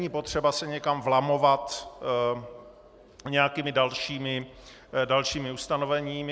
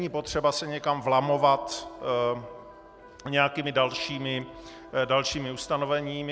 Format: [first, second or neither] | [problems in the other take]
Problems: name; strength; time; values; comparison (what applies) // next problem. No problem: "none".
first | background sound (Electric guitar); 19 dB below the speech